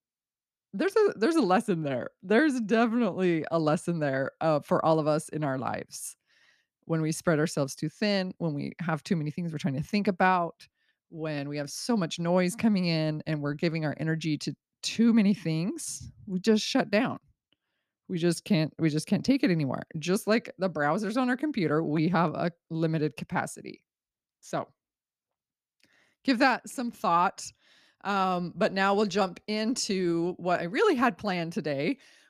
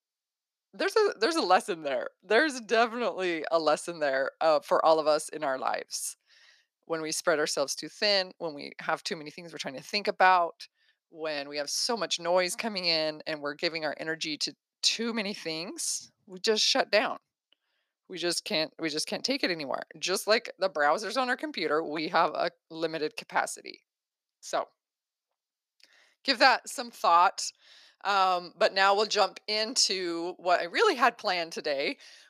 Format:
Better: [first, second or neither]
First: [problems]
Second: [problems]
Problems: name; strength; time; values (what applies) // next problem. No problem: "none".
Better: first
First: none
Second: thin; very; fading below 600 Hz